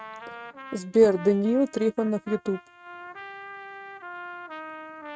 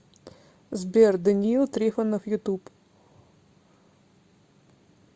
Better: second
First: noise reduction (neural mask model RNNoise)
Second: none

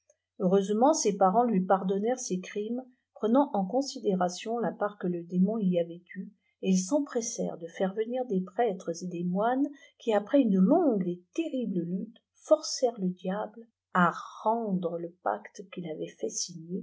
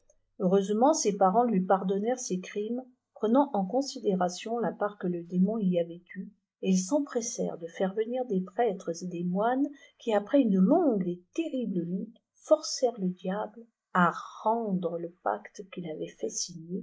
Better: first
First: none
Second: noise reduction (neural mask model Resemble Enhance denoiser)

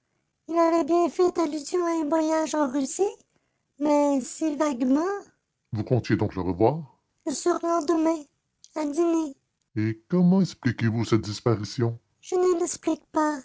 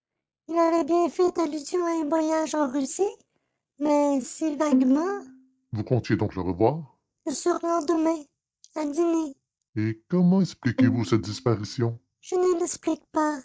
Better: first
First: none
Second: noise reduction (neural mask model DeepFilterNet 3)

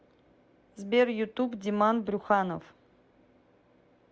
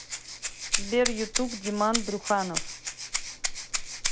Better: first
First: none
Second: background sound (Rattle (instrument)); 1 dB below the speech

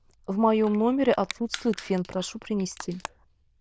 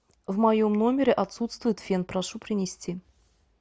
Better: second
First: noise reduction (neural diffusion model UNIVERSE++)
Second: none

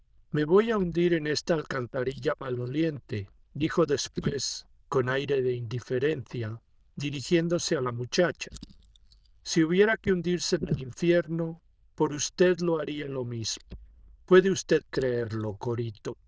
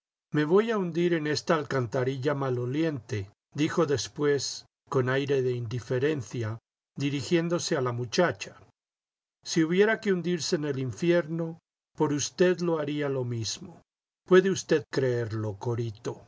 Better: second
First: noise reduction (neural diffusion model UNIVERSE++)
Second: none

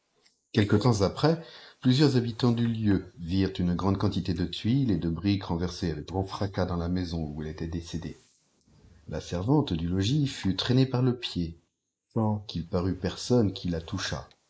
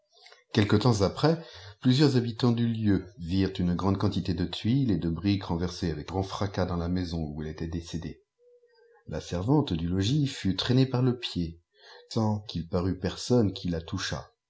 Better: second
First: noise reduction (neural mask model Resemble Enhance denoiser)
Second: none

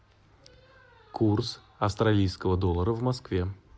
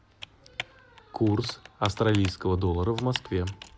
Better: first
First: none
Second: background sound (Computer keyboard); 14 dB below the speech

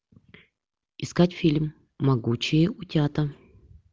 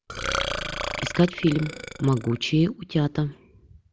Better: first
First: none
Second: background sound (Burping, eructation); 6 dB below the speech

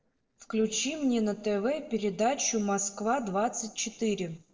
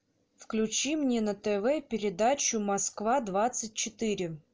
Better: second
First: noise reduction (neural separator model SepFormer DNS4)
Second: none

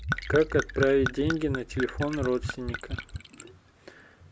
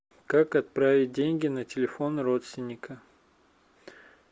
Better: second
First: background sound (Gurgling / Chink, clink / Liquid); 5 dB below the speech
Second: none

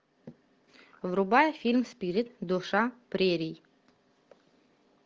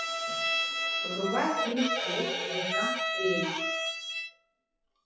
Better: first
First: none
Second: noise reduction (classical method WPE with log-MMSE)

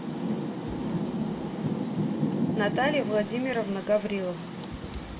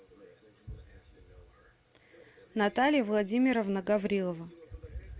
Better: second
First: background sound (Rain); as loud as the speech // room echo; dies away in 0.5 s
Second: none

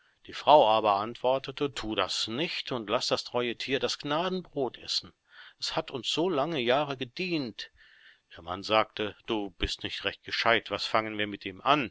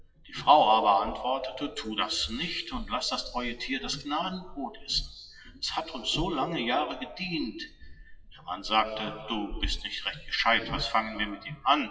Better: first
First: none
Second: noise reduction (classical method WPE with log-MMSE)

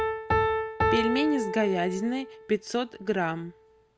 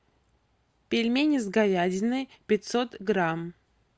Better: second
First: background sound (Piano); 1 dB below the speech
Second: none

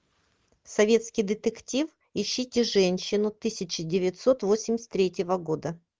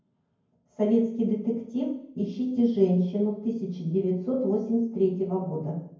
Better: first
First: none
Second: room echo; dies away in 0.9 s

